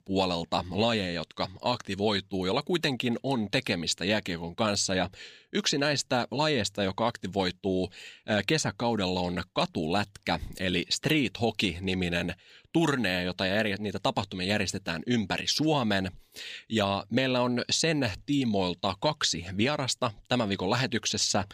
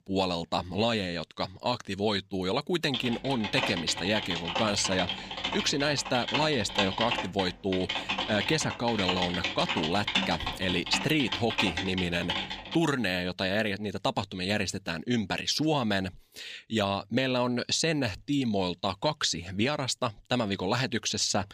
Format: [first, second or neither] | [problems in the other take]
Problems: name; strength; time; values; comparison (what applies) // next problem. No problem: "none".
first | keyboard typing; loud; from 3 to 13 s; peak 1 dB above the speech